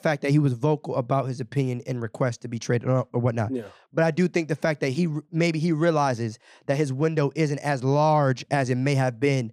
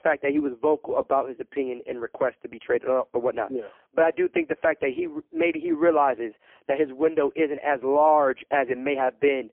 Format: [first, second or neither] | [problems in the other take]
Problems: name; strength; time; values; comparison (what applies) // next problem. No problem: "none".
first | phone-call audio; poor line